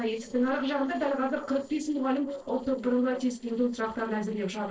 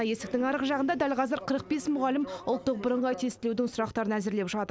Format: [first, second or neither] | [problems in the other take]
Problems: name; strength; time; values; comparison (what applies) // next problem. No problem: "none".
second | noise reduction (neural separator model SepFormer DNS4)